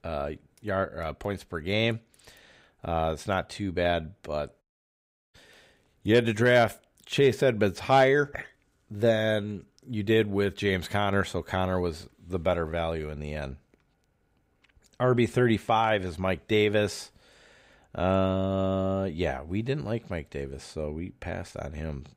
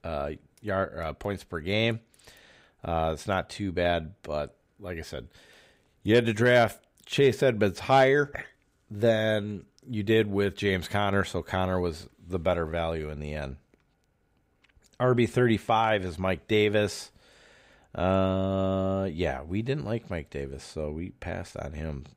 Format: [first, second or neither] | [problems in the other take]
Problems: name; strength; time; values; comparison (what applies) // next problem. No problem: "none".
second | audio cutting out; at 4.5 s for 0.5 s